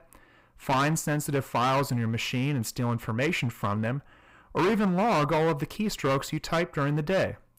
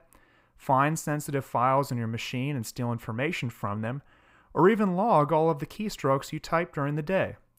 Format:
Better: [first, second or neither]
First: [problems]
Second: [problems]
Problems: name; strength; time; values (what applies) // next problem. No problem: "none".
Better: second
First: distortion; heavy; 12% of the sound clipped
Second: none